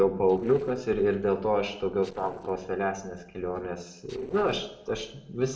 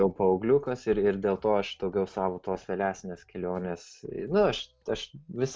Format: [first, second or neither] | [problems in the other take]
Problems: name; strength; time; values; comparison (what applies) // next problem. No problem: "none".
second | noise reduction (neural separator model SepFormer DNS4)